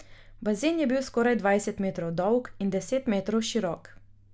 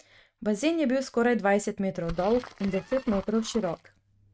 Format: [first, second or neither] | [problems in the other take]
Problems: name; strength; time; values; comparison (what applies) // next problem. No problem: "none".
first | noise reduction (neural mask model RNNoise)